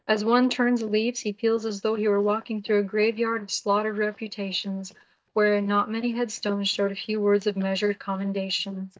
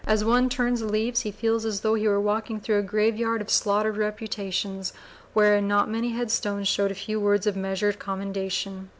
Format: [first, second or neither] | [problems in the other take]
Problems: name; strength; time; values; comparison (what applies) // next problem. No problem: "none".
second | noise reduction (neural mask model DeepFilterNet 3)